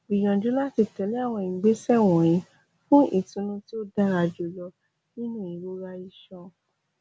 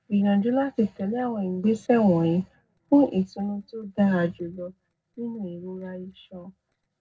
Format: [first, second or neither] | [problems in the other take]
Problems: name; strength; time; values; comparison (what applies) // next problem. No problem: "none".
first | noise reduction (neural separator model SepFormer DNS4)